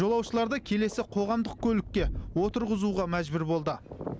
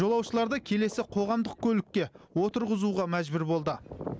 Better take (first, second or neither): second